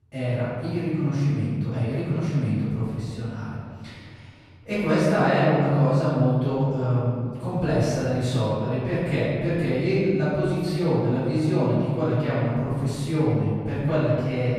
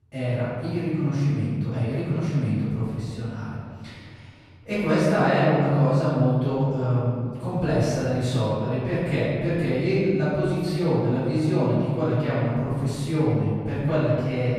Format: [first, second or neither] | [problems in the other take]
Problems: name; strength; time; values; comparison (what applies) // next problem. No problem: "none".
neither | room echo; strong; dies away in 2 s; the same in both // off-mic speech; far; the same in both